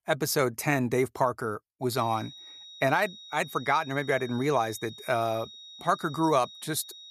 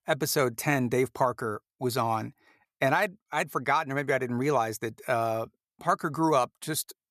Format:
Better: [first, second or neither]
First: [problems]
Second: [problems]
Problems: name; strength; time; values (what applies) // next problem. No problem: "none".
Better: second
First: high-pitched whine; noticeable; from 2 s on; 4 kHz, 15 dB below the speech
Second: none